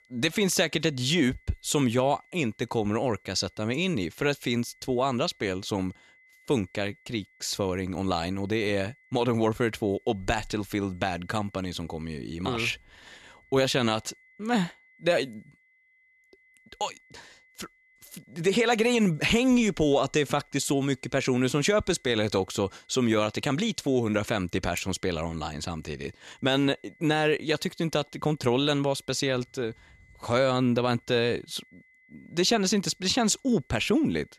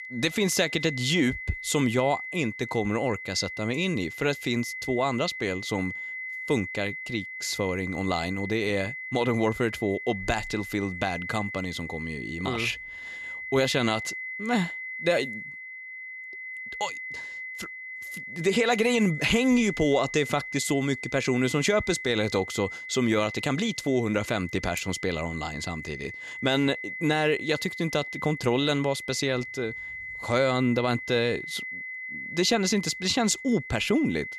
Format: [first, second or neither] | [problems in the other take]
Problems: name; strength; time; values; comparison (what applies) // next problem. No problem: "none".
first | high-pitched whine; loud; throughout; 2 kHz, 8 dB below the speech; faint in the first